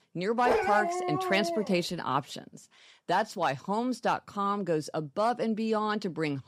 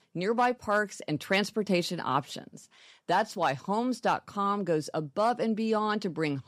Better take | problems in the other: second | dog barking; loud; until 1.5 s; peak 3 dB above the speech

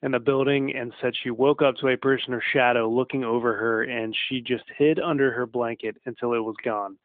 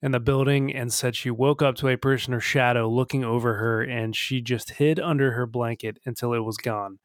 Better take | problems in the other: second | phone-call audio; nothing above 3.5 kHz

